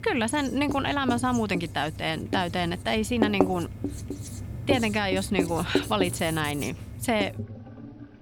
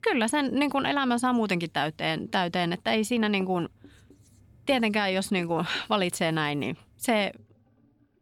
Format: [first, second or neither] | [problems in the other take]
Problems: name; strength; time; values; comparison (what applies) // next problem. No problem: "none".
second | household noises; loud; throughout; 6 dB below the speech; faint in the second